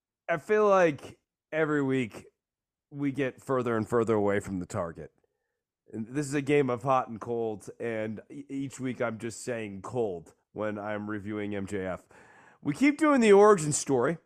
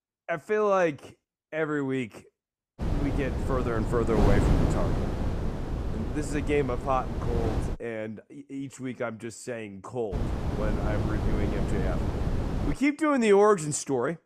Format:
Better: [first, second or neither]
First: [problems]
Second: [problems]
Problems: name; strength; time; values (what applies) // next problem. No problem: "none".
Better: first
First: none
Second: wind noise on the microphone; heavy; from 3 to 8 s and from 10 to 13 s; 7 dB below the speech